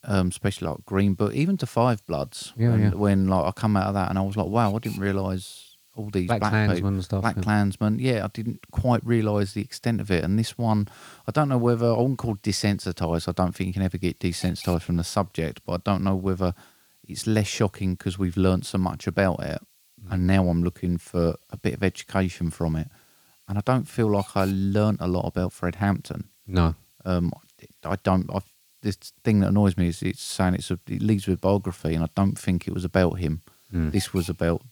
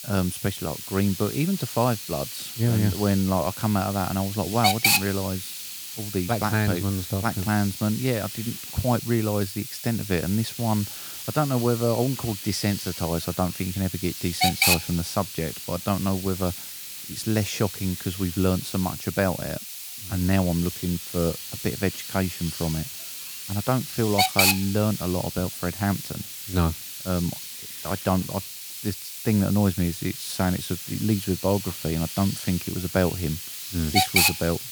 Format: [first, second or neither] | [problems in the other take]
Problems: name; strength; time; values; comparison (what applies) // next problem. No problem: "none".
first | hiss; loud; throughout; 3 dB below the speech; faint in the first